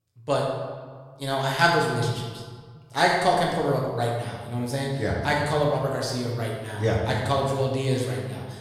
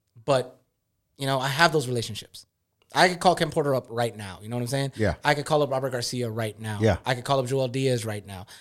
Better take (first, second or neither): second